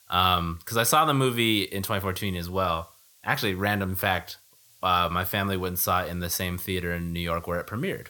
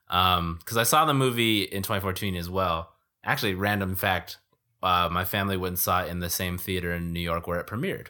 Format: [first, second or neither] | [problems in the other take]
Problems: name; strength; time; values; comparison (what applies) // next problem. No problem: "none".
second | hiss; faint; throughout; 30 dB below the speech